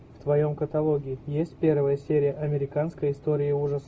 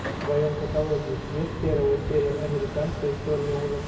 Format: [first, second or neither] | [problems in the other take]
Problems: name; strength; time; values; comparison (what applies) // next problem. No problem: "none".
first | background sound (Truck); 6 dB below the speech // room echo; dies away in 2 s